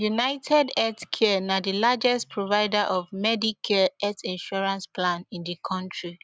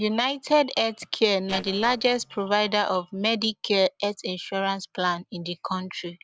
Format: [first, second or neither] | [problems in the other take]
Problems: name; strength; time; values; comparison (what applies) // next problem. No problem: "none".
first | noise reduction (neural separator model SepFormer DNS4)